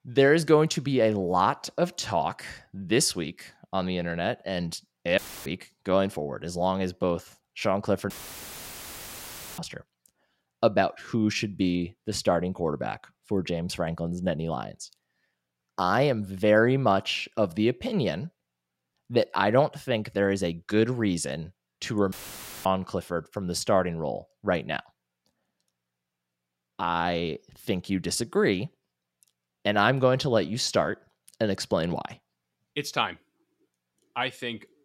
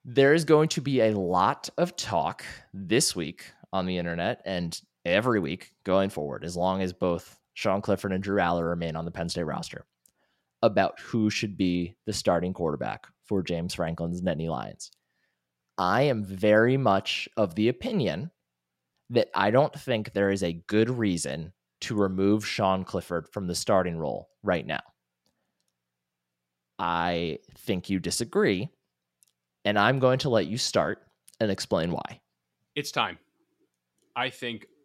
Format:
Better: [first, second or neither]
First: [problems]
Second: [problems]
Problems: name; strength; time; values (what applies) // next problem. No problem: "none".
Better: second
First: audio cutting out; filled with static; at 5 s, at 8 s for 1.5 s and at 22 s for 0.5 s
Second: none